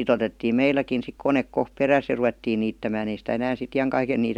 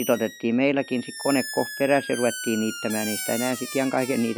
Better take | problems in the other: first | noise reduction (classical method log-MMSE)

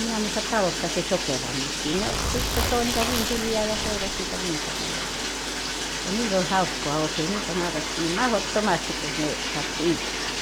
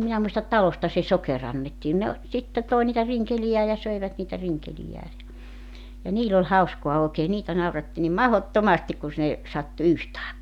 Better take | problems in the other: second | background sound (Bathtub (filling or washing) + Zipper (clothing)); as loud as the speech

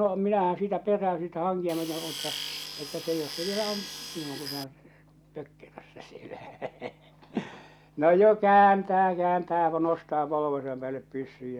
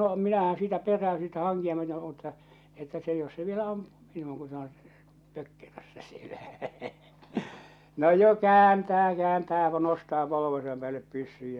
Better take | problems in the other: second | background sound (Tools); 10 dB below the speech

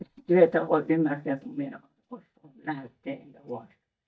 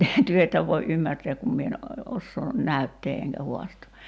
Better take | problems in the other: second | noise reduction (neural mask model DeepFilterNet 3)

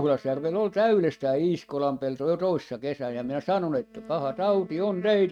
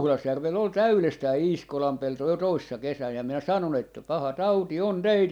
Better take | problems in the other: second | noise reduction (neural mask model RNNoise)

